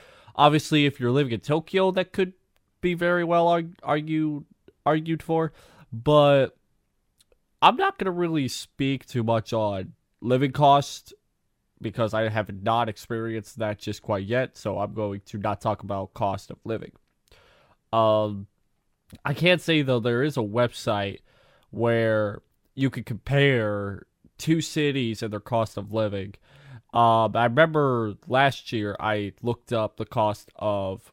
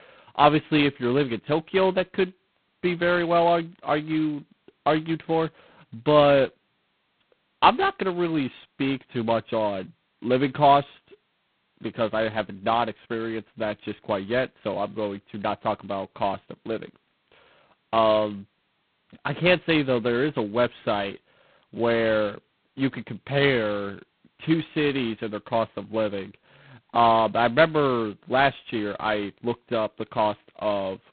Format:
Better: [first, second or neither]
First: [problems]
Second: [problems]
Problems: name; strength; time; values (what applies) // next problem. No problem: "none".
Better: first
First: none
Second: phone-call audio; poor line; nothing above 4 kHz